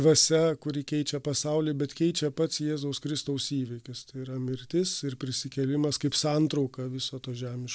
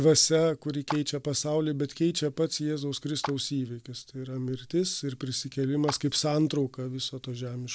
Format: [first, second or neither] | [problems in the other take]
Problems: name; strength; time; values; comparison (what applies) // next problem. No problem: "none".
first | background sound (Clapping); 15 dB below the speech